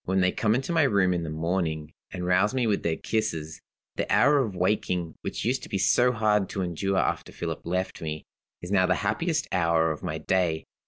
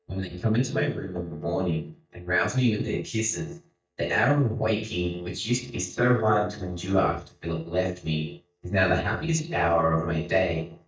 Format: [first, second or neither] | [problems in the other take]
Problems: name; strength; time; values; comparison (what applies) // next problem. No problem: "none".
first | noise reduction (neural mask model DeepFilterNet 3)